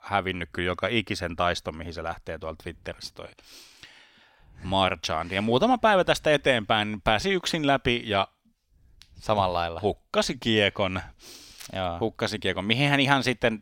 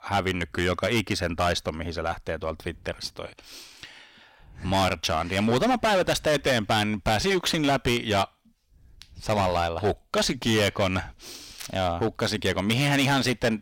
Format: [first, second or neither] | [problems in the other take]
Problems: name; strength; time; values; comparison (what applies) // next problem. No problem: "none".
first | distortion; heavy; 10% of the sound clipped